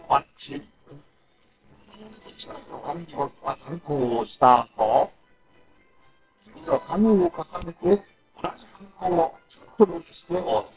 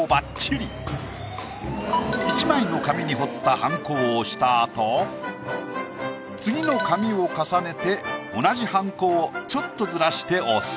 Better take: second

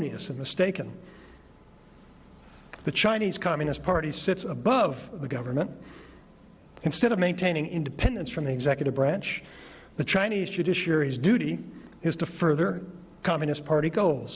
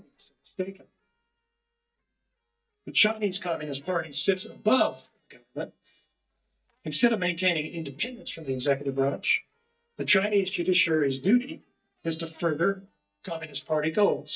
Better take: first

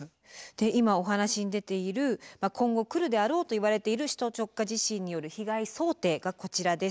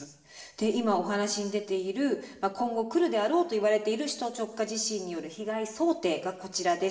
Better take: first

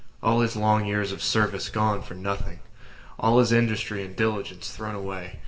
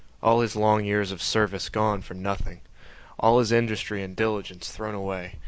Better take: second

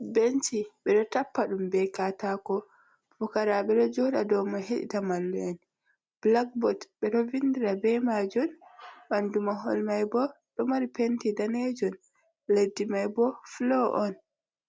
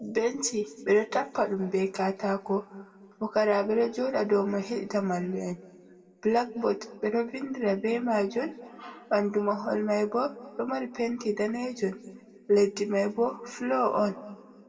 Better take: first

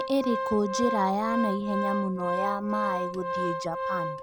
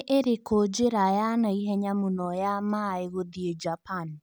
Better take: second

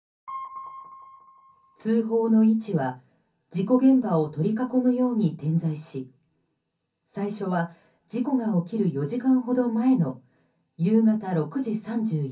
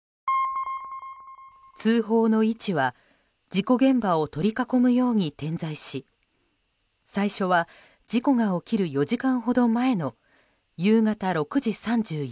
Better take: second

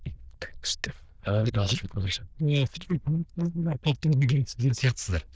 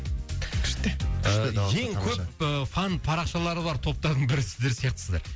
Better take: second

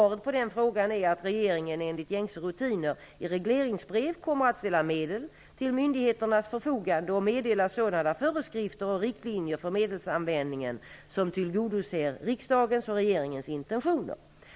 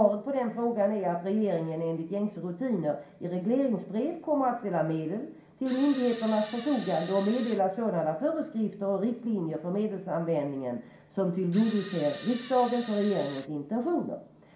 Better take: first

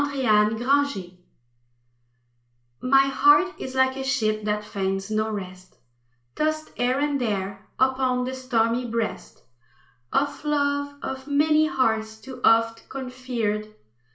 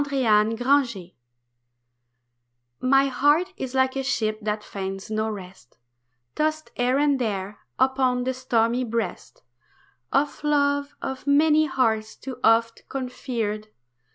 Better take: second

